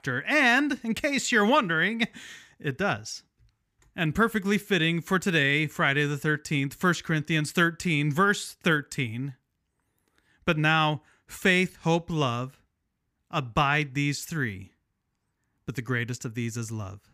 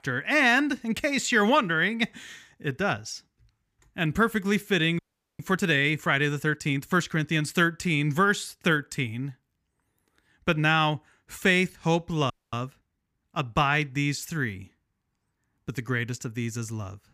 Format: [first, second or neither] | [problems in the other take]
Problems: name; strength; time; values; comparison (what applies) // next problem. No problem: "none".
first | audio freezing; at 5 s and at 12 s